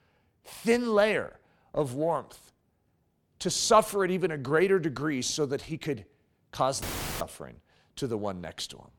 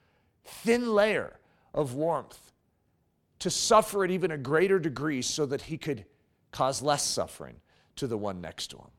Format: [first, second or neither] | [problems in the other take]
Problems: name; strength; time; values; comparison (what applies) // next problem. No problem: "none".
second | audio cutting out; filled with static; at 7 s